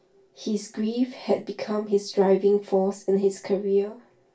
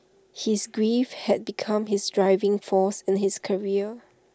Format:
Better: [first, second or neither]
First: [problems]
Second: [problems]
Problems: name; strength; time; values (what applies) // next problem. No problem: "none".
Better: second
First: room echo; dies away in 0.2 s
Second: none